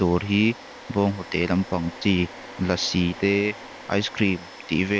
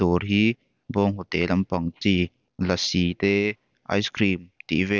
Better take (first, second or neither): second